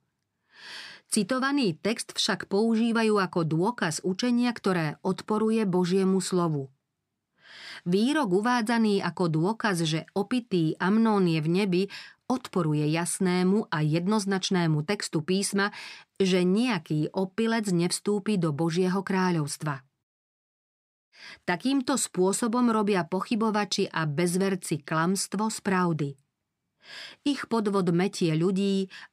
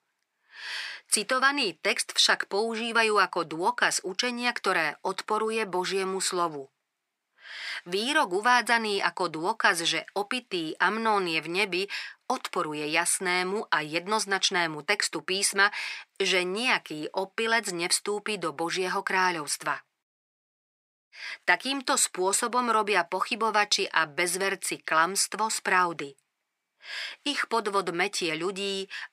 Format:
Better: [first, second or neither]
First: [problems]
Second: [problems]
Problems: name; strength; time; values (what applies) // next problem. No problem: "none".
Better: first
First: none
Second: thin; very; fading below 600 Hz